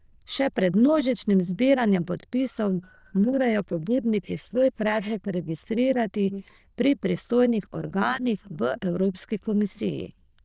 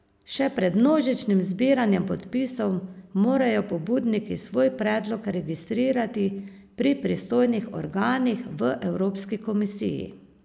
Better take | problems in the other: second | noise reduction (neural diffusion model UNIVERSE++)

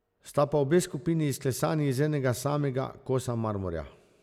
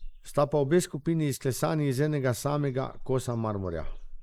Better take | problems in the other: first | noise reduction (neural mask model Resemble Enhance denoiser)

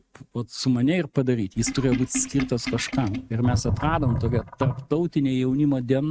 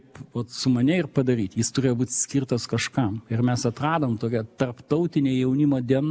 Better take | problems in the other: second | noise reduction (neural mask model RNNoise)

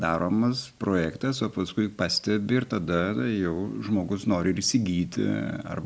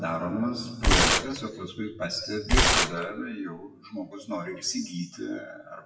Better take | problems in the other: first | noise reduction (classical method WPE with log-MMSE)

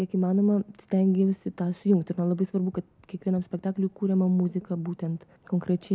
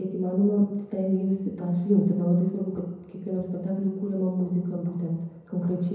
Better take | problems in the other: first | room echo; dies away in 1 s

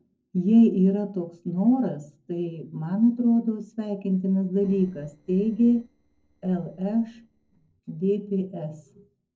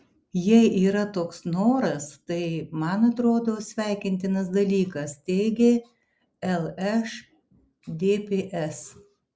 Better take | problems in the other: second | noise reduction (neural separator model SepFormer DNS4)

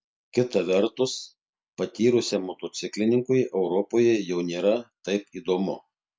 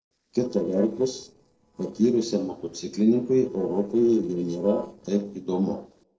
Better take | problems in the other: first | noise reduction (neural separator model SepFormer DNS4)

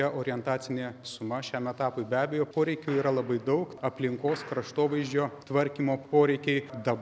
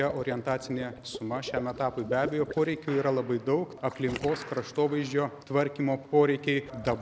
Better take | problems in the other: first | background sound (Water / Liquid); 15 dB below the speech

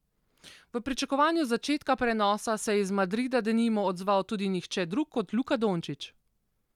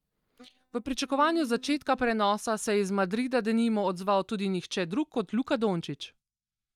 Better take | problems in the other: first | noise reduction (neural mask model DeepFilterNet 3)

